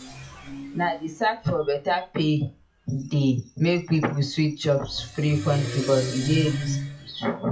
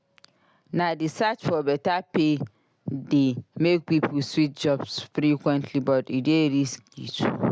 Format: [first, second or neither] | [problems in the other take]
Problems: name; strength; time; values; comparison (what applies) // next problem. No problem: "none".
second | noise reduction (classical method WPE with log-MMSE)